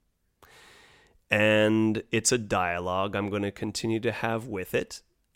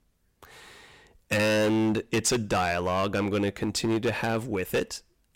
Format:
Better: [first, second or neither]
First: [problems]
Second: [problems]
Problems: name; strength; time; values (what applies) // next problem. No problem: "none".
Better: first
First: none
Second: distortion; heavy; 12% of the sound clipped